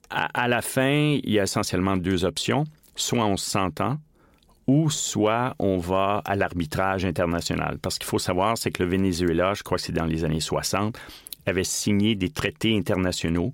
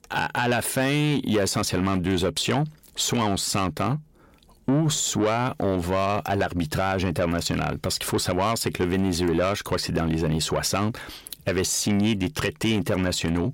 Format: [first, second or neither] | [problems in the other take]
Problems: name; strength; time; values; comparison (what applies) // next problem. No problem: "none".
first | distortion; slight; 10 dB below the speech